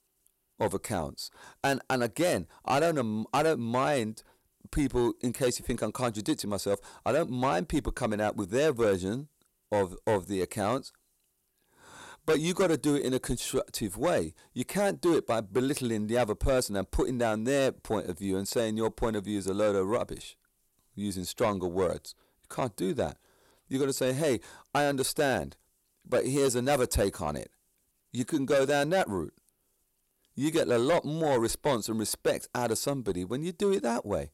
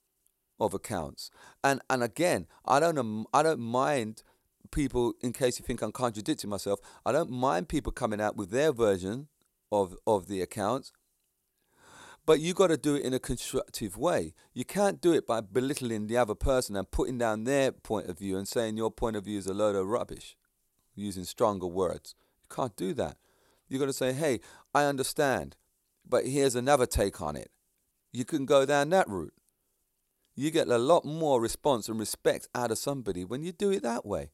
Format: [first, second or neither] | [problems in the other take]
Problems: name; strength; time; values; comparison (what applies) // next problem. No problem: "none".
second | distortion; slight; 10 dB below the speech